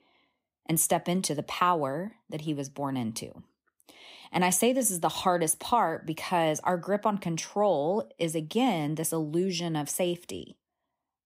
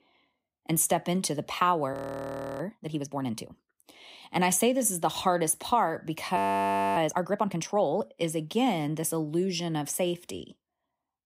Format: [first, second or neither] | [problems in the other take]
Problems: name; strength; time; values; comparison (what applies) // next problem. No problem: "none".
first | audio freezing; at 2 s for 0.5 s and at 6.5 s for 0.5 s